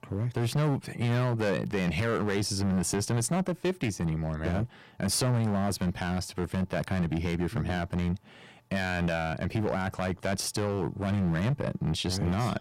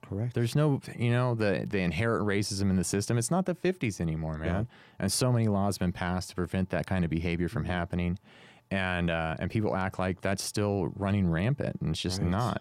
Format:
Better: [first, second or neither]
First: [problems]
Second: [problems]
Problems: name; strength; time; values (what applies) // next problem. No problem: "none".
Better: second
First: distortion; slight; 11% of the sound clipped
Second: none